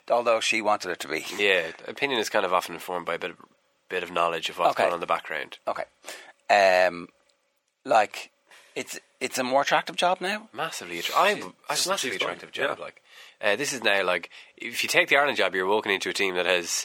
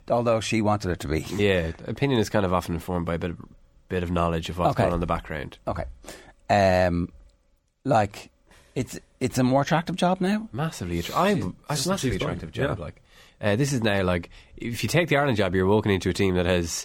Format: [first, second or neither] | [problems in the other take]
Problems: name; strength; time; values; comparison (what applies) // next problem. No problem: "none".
second | thin; very; fading below 550 Hz